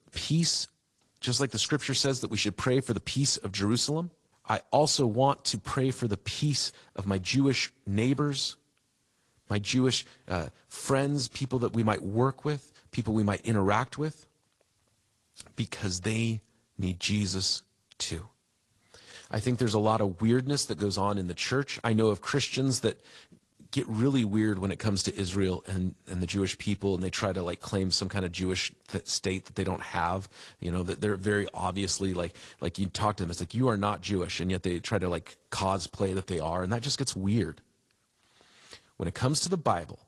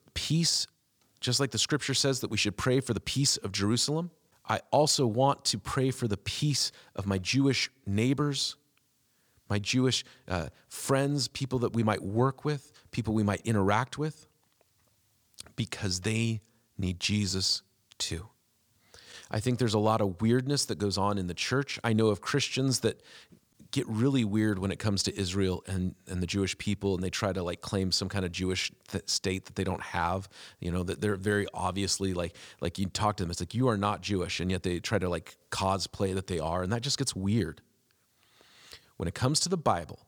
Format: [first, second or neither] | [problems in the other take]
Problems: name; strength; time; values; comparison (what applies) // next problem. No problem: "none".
second | garbled, watery; slightly